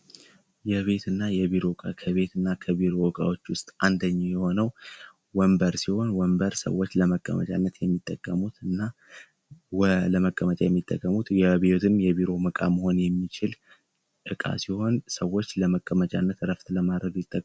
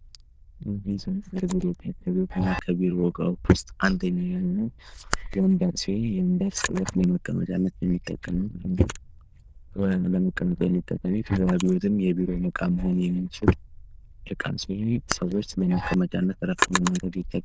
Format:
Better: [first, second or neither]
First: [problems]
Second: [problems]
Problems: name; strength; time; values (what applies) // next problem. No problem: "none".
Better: first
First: none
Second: noise reduction (neural diffusion model UNIVERSE++)